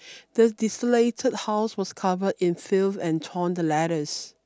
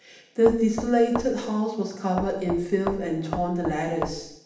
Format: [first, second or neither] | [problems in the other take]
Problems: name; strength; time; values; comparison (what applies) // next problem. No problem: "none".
first | background sound (Knock); 10 dB below the speech // room echo; dies away in 0.8 s